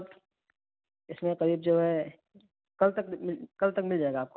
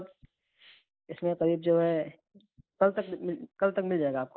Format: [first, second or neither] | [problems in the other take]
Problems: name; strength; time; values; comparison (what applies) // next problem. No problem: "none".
first | noise reduction (neural mask model Resemble Enhance denoiser)